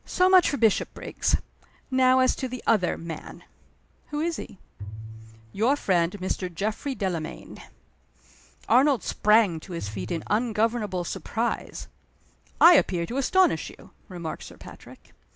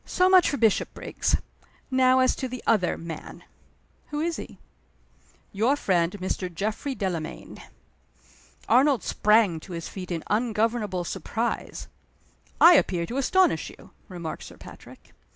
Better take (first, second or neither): second